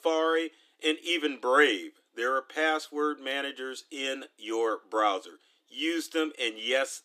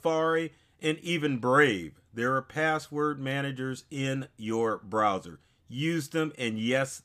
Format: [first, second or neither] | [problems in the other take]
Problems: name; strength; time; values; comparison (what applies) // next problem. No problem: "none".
second | thin; somewhat; fading below 300 Hz